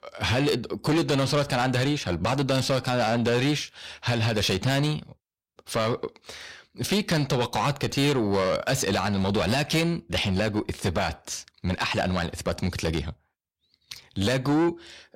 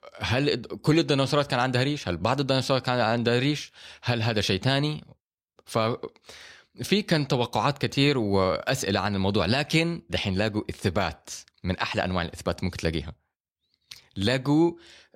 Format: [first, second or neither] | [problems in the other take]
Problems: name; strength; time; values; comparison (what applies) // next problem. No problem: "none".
second | distortion; heavy; 7 dB below the speech